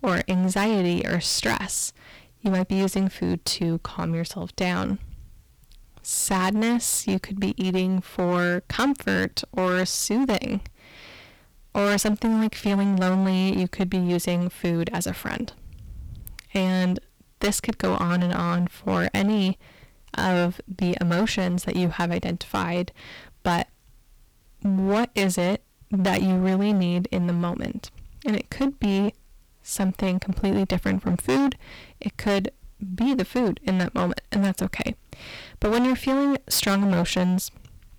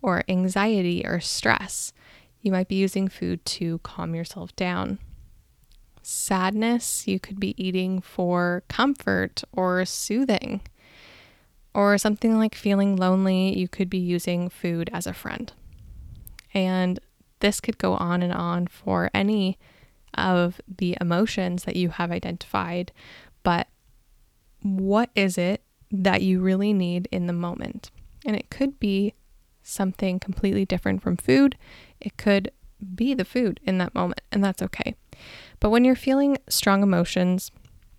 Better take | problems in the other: second | distortion; heavy; 14% of the sound clipped

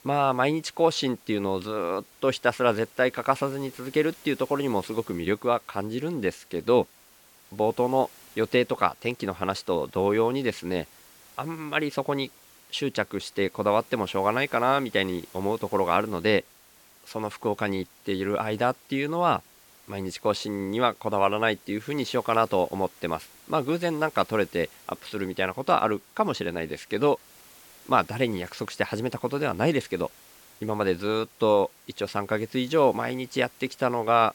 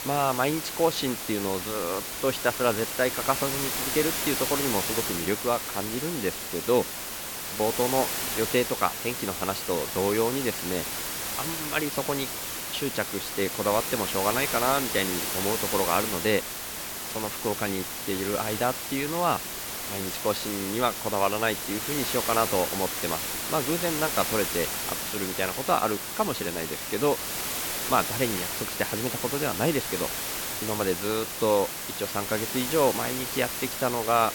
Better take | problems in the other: first | hiss; loud; throughout; 1 dB below the speech; faint in the first

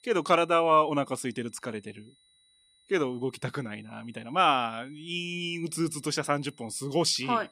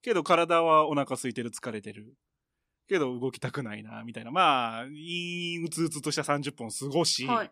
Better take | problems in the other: second | high-pitched whine; faint; throughout; 4 kHz, 35 dB below the speech

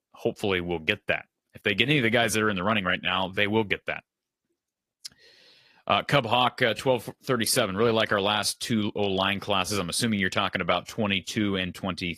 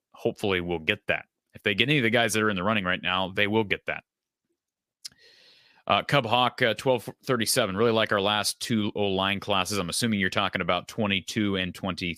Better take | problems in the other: second | garbled, watery; slightly

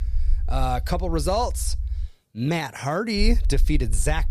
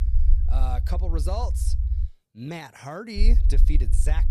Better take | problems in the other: first | low rumble; loud; until 2 s and from 3 s on; 10 dB below the speech; faint in the first

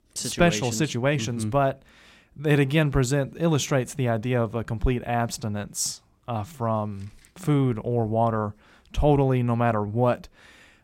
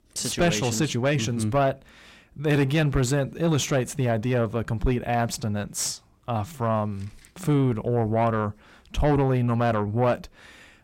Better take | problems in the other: first | distortion; slight; 10 dB below the speech

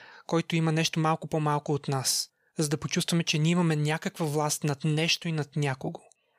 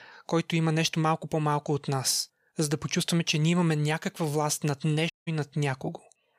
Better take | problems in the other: first | audio cutting out; at 5 s

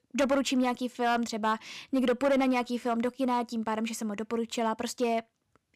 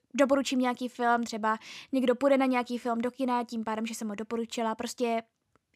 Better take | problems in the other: second | distortion; slight; 5% of the sound clipped

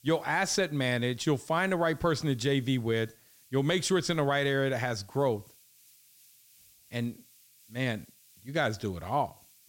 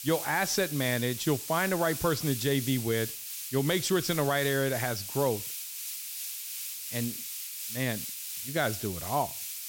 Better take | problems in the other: first | hiss; loud; throughout; 5 dB below the speech; faint in the first

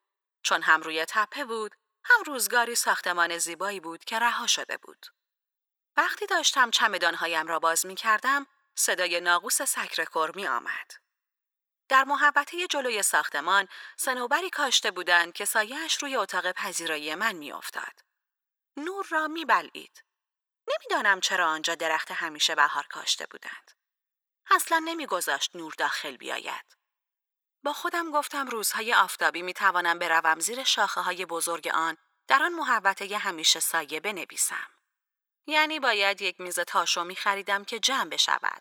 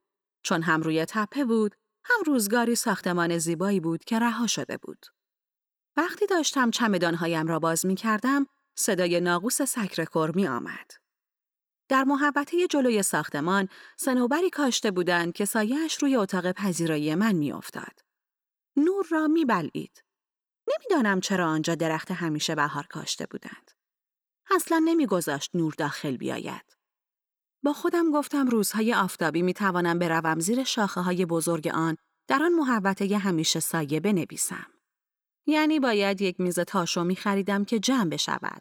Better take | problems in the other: second | thin; very; fading below 850 Hz

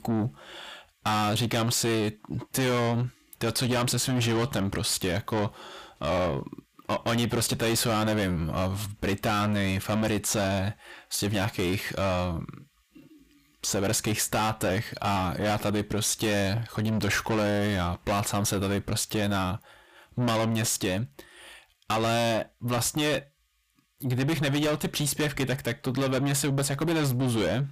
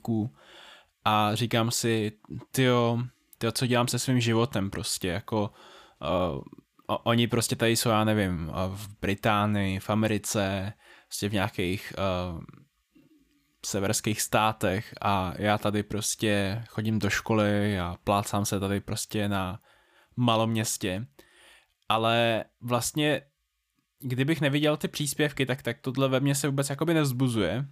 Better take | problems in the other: second | distortion; heavy; 6 dB below the speech

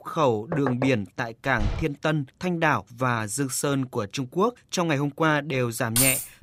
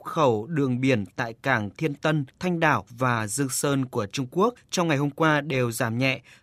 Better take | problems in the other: second | door banging; noticeable; at 0.5 s and at 1.5 s; peak 6 dB below the speech // jangling keys; loud; at 6 s; peak 5 dB above the speech

